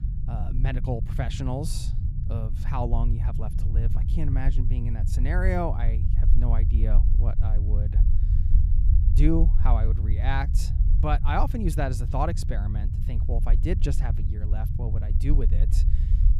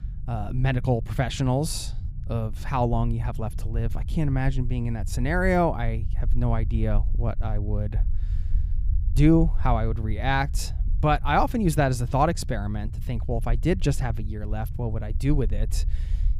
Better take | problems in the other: second | low rumble; loud; throughout; 10 dB below the speech; faint in the second

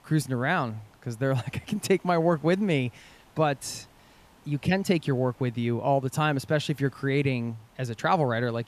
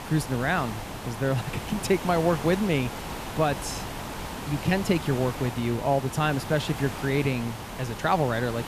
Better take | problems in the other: first | hiss; loud; throughout; 9 dB below the speech; faint in the first

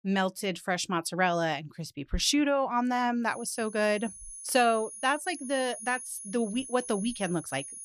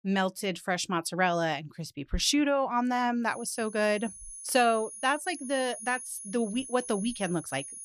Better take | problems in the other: neither | high-pitched whine; noticeable; from 3.5 s on; 10.5 kHz, 10 dB below the speech; the same in both

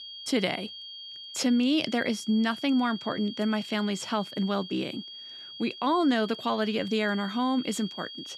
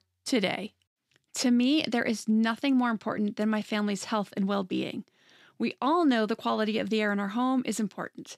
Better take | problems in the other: second | high-pitched whine; noticeable; throughout; 3 kHz, 10 dB below the speech

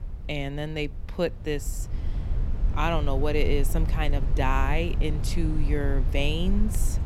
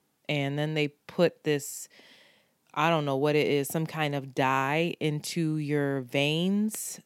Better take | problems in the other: second | low rumble; noticeable; throughout; 15 dB below the speech

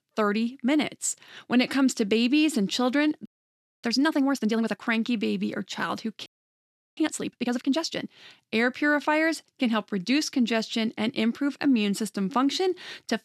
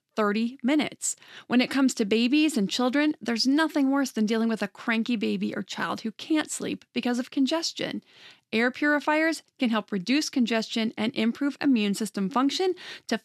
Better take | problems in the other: second | audio freezing; at 3.5 s for 0.5 s and at 6.5 s for 0.5 s

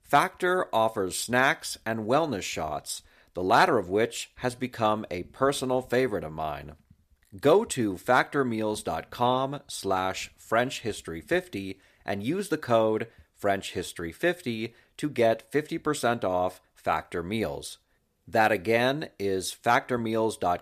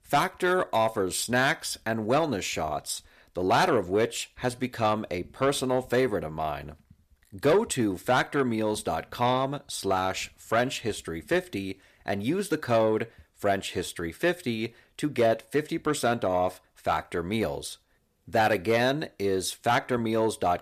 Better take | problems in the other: first | distortion; slight; 10 dB below the speech

